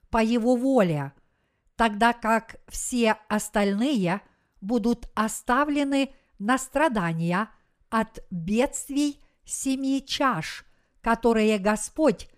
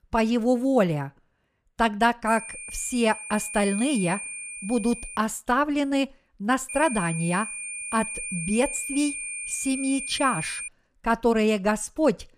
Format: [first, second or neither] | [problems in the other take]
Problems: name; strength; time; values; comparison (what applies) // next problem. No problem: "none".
first | high-pitched whine; loud; from 2.5 to 5 s and from 6.5 to 11 s; 2.5 kHz, 7 dB below the speech